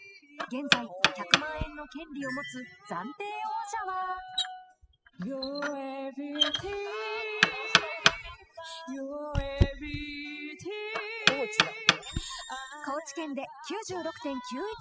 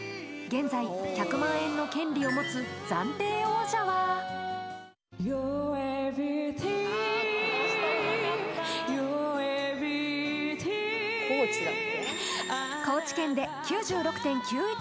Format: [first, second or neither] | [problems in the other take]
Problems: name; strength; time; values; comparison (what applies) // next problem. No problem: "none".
second | noise reduction (classical method spectral subtraction)